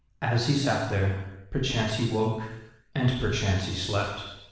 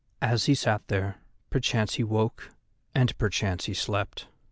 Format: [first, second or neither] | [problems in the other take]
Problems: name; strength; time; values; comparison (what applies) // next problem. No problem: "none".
second | room echo; dies away in 0.9 s